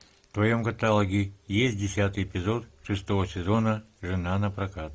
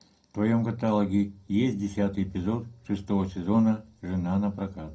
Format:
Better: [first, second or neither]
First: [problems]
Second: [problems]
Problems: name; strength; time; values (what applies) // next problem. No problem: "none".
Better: first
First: none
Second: room echo; dies away in 0.2 s